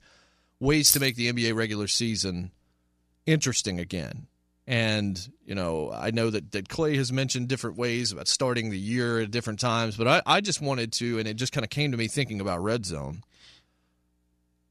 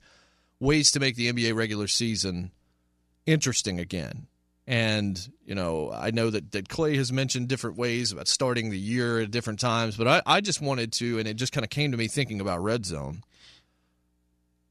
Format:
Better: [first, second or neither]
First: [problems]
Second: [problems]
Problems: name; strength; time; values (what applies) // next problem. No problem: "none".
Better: second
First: jangling keys; loud; at 1 s; peak 2 dB above the speech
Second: none